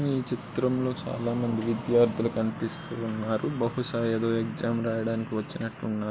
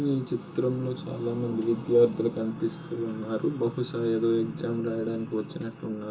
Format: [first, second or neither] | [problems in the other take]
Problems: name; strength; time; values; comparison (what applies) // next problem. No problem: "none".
first | room echo; dies away in 0.2 s